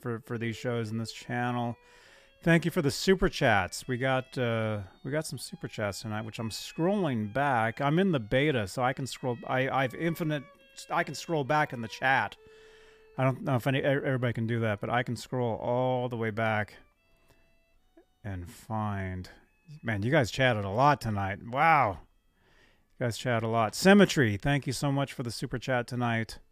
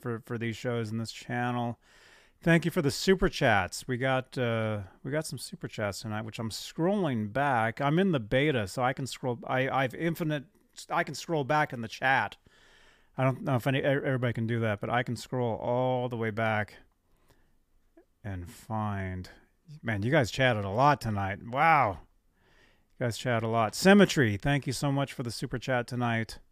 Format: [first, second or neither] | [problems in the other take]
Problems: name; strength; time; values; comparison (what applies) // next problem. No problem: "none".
second | background music; faint; throughout; 30 dB below the speech